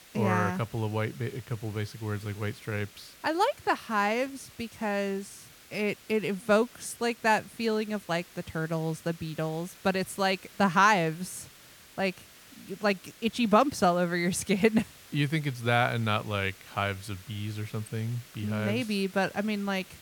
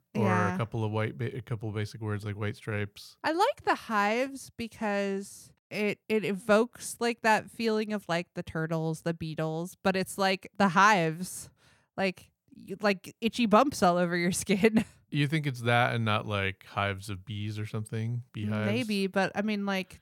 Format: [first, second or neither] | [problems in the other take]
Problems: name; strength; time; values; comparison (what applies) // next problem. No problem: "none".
second | hiss; faint; throughout; 20 dB below the speech